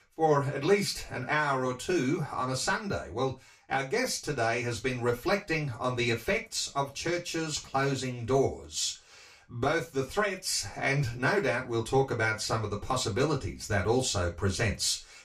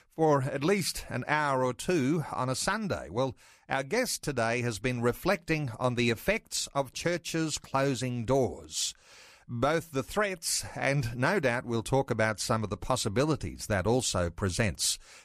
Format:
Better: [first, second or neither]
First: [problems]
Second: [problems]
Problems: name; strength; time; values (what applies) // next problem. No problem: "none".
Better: second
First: room echo; very slight; dies away in 0.3 s // off-mic speech; far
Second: none